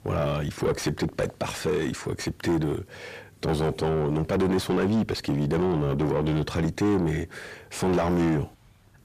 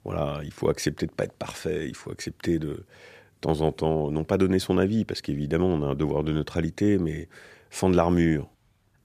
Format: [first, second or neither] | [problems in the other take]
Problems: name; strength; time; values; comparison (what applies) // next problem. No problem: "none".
second | distortion; heavy; 5 dB below the speech